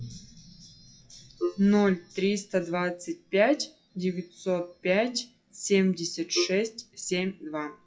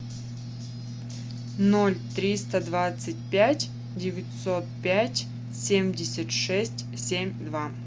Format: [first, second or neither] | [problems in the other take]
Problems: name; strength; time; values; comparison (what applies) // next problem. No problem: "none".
second | noise reduction (classical method WPE with log-MMSE)